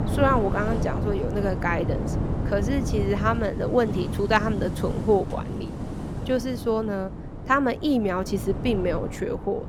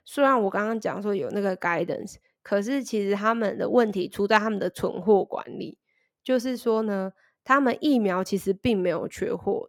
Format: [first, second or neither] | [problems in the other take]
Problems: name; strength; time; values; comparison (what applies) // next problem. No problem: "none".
second | wind noise on the microphone; occasional gusts; 10 dB below the speech